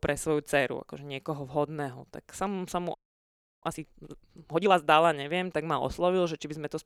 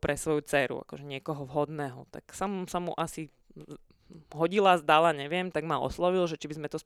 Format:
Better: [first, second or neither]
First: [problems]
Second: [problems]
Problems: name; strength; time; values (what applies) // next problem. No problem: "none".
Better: second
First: audio freezing; at 3 s for 0.5 s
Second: none